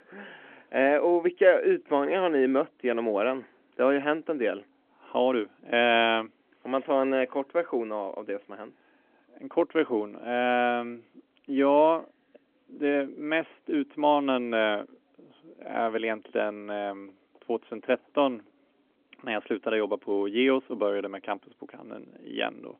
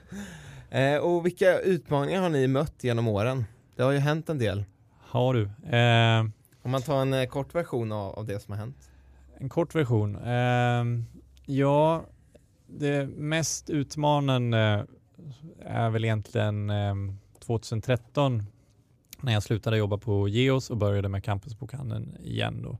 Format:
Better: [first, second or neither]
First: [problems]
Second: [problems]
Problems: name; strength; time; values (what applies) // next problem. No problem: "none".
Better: second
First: phone-call audio; nothing above 3.5 kHz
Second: none